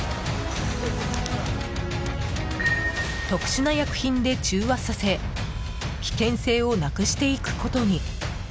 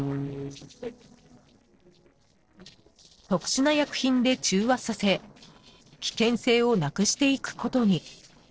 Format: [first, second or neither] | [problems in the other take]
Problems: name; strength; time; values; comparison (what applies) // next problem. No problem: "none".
first | noise reduction (neural separator model SepFormer DNS4)